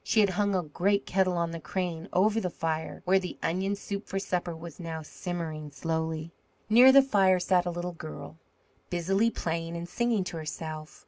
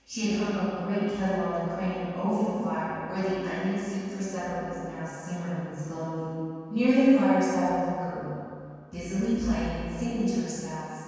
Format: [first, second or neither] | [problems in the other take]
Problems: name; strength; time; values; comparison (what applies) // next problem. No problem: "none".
first | room echo; dies away in 2.1 s